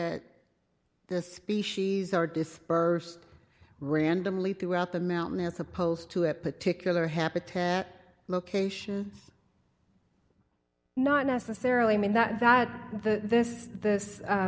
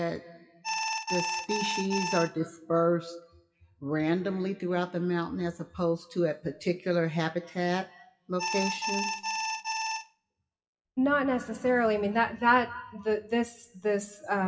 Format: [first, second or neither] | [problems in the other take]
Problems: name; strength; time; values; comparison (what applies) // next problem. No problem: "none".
first | noise reduction (classical method WPE with log-MMSE)